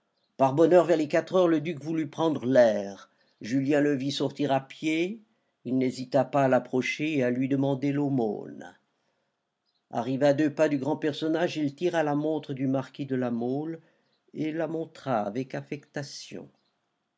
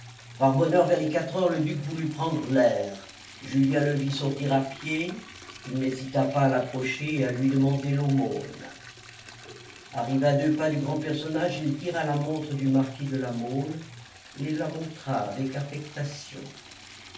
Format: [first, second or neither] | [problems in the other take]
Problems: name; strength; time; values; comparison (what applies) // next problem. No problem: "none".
first | background sound (Liquid); 19 dB below the speech // room echo; dies away in 0.3 s